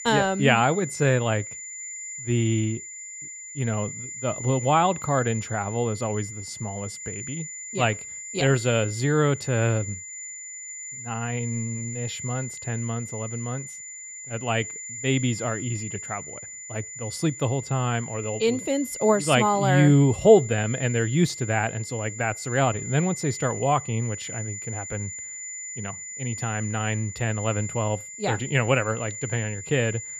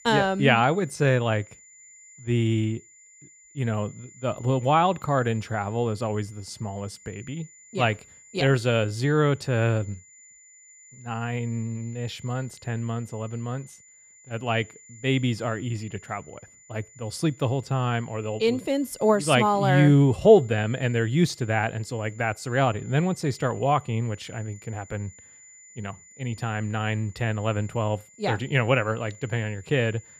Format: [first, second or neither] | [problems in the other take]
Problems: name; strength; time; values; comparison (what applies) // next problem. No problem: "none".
second | high-pitched whine; loud; throughout; 7 kHz, 9 dB below the speech; faint in the second